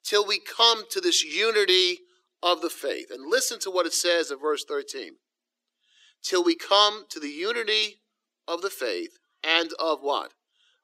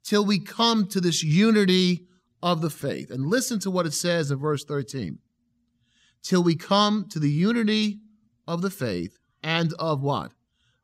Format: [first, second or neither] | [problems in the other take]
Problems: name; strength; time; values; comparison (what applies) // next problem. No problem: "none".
second | thin; very; fading below 300 Hz